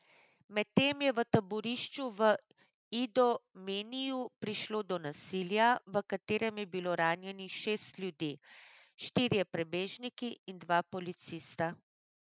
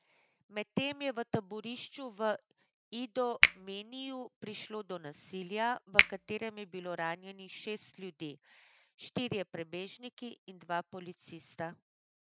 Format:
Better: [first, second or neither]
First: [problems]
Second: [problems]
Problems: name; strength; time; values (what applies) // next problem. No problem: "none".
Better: first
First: none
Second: background sound (Finger snapping); 5 dB above the speech